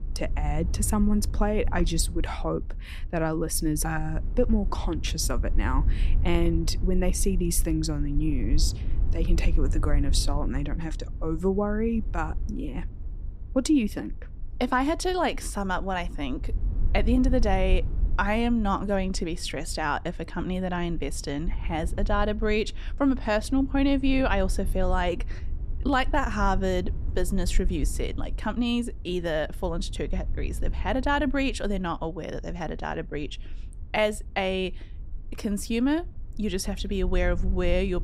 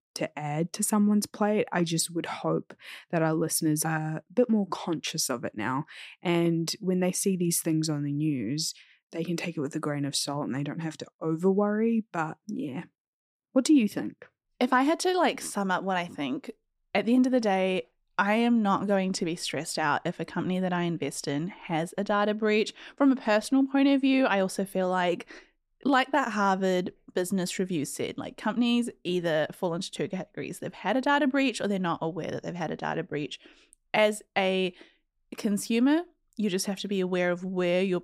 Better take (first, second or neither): second